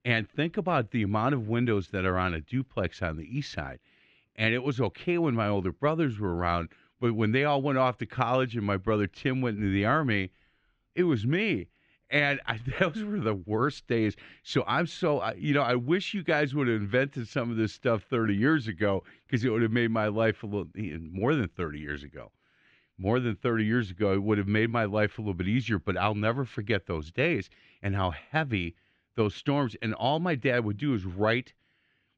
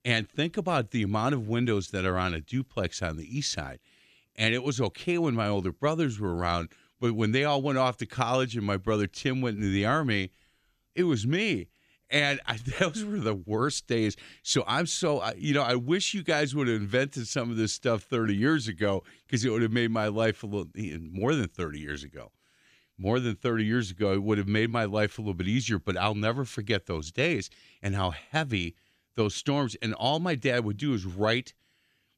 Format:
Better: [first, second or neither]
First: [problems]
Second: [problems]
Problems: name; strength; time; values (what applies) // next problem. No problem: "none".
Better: second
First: muffled; slightly; fading above 2 kHz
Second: none